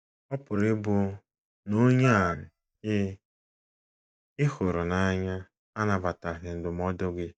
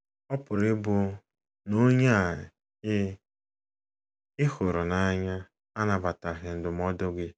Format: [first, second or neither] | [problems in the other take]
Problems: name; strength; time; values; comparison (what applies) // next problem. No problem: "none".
second | noise reduction (neural mask model DeepFilterNet 3)